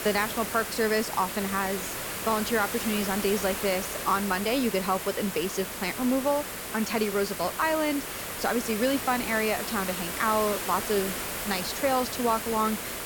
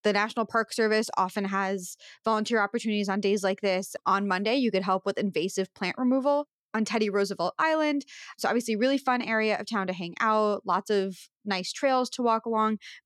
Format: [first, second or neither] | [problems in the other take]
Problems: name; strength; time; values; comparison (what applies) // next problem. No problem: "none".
second | hiss; loud; throughout; 4 dB below the speech